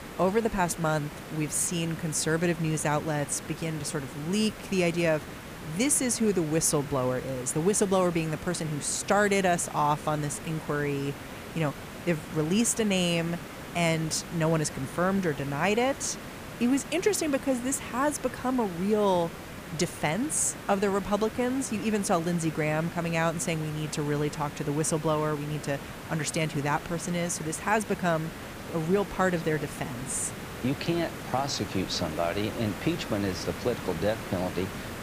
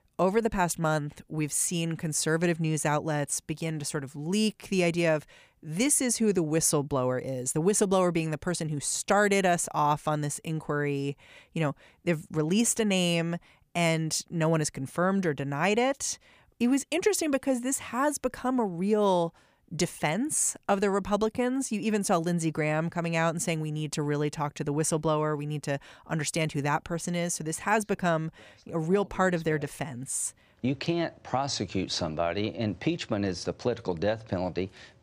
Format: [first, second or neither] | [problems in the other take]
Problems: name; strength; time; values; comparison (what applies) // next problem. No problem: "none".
second | hiss; noticeable; throughout; 10 dB below the speech